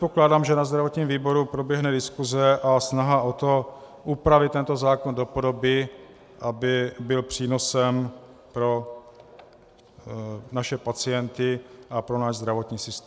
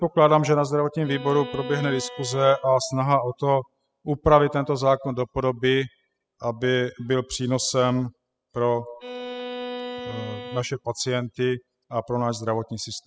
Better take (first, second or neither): first